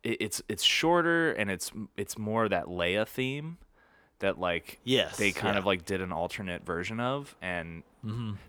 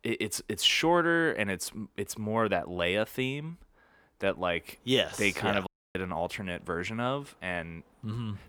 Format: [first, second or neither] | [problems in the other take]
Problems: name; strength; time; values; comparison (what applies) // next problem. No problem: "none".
first | audio cutting out; at 5.5 s